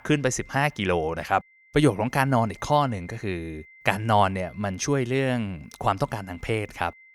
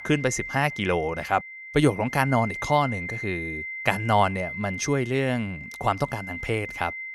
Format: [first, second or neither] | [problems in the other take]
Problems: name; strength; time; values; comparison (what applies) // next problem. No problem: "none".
first | high-pitched whine; loud; throughout; 2 kHz, 8 dB below the speech; faint in the first